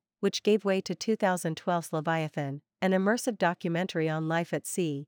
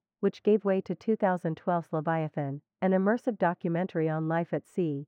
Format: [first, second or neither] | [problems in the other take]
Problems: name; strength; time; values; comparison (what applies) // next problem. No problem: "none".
first | muffled; very; fading above 3 kHz